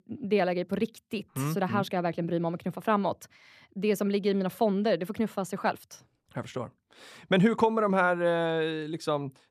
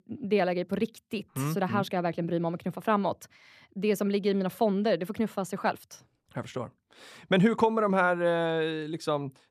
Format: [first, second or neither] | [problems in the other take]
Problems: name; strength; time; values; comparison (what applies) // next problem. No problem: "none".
neither | none